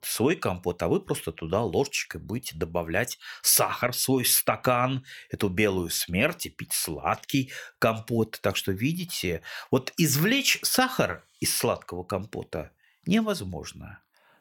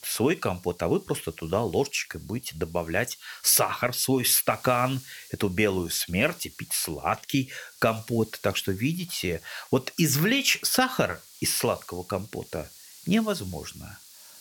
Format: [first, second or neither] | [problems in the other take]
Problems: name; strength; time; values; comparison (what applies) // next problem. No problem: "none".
first | hiss; faint; throughout; 20 dB below the speech